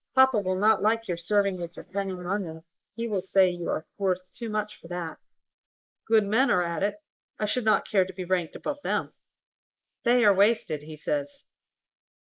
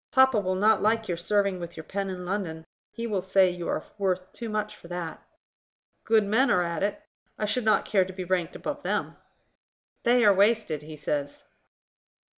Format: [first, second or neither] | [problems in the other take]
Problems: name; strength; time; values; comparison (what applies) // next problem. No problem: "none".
second | noise reduction (neural mask model Resemble Enhance denoiser)